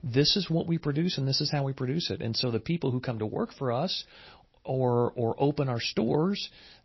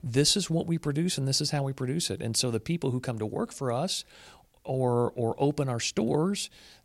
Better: second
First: garbled, watery; slightly; nothing above 5.5 kHz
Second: none

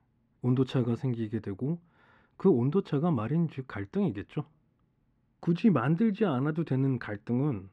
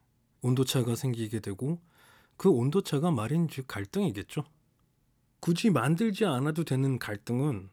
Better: second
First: muffled; very; fading above 2 kHz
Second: none

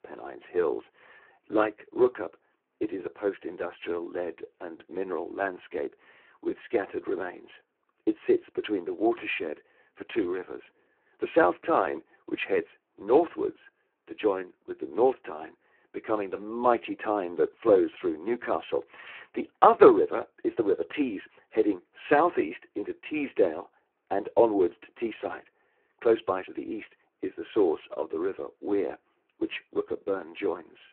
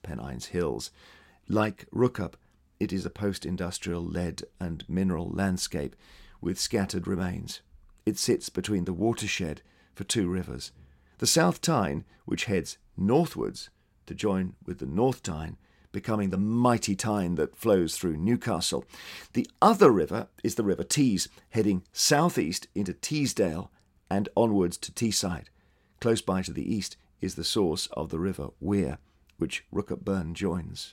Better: second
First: phone-call audio; poor line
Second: none

